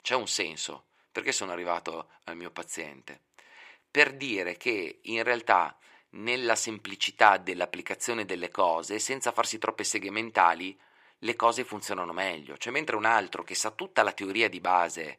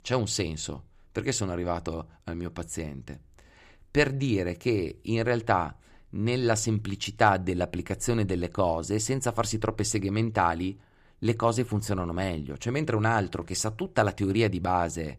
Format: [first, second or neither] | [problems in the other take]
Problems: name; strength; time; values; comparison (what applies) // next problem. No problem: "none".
second | thin; very; fading below 400 Hz